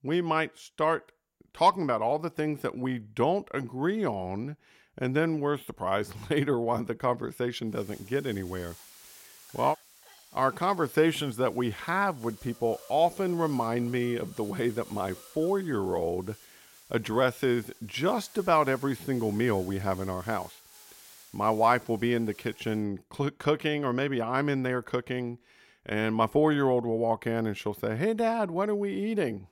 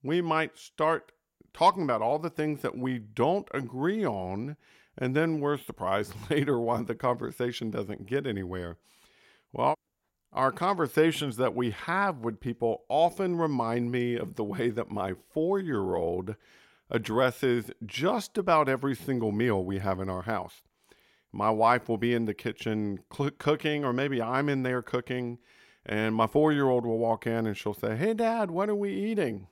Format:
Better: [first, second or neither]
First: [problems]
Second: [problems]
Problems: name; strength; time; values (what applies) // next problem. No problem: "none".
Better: second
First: hiss; faint; from 7.5 to 23 s; 20 dB below the speech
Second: none